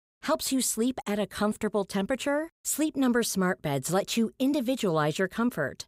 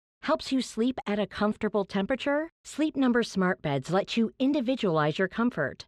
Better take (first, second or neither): first